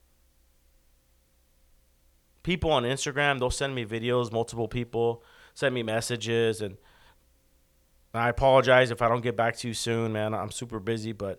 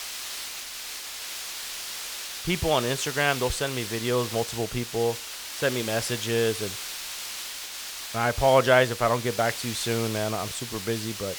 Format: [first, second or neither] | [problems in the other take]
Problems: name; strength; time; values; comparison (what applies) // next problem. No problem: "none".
first | hiss; loud; throughout; 7 dB below the speech